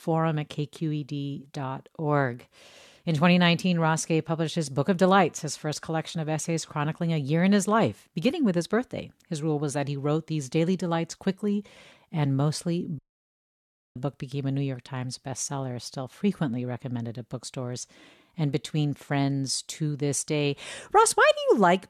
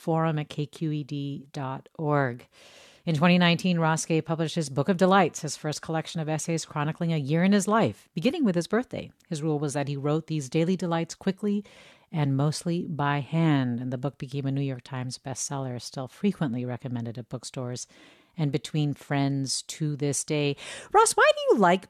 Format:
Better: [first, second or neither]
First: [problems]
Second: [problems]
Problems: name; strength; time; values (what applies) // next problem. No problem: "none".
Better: second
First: audio cutting out; at 13 s for 1 s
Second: none